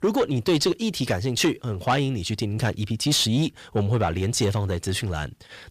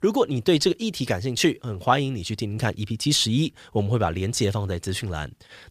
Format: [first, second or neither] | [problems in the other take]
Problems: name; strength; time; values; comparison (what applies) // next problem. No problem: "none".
second | distortion; slight; 10 dB below the speech